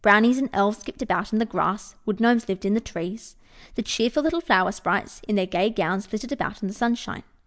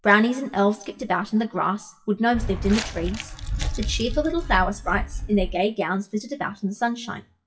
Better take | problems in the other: first | noise reduction (classical method WPE with log-MMSE)

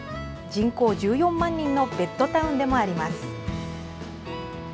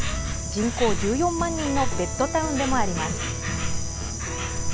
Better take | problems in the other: first | background sound (Insect); 1 dB below the speech

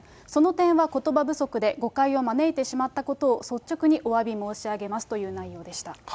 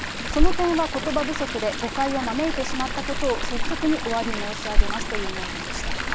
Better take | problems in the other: first | background sound (Chatter / Stream); 3 dB above the speech

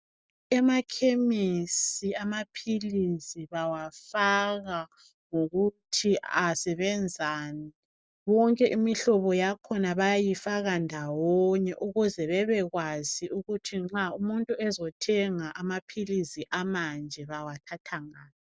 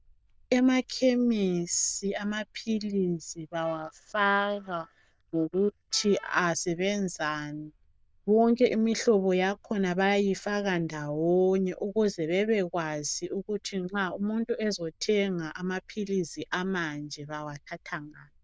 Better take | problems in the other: first | noise reduction (neural diffusion model UNIVERSE++)

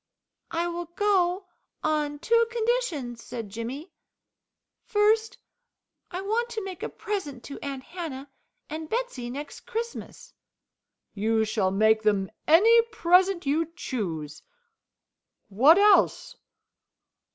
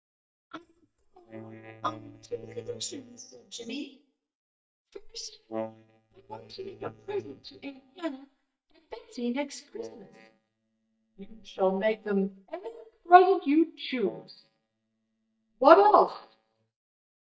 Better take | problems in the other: first | noise reduction (neural mask model DeepFilterNet 3)

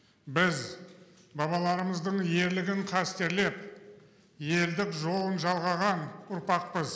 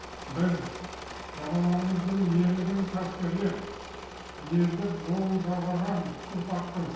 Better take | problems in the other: first | background sound (Engine / Mechanisms); 12 dB below the speech // room echo; dies away in 0.8 s

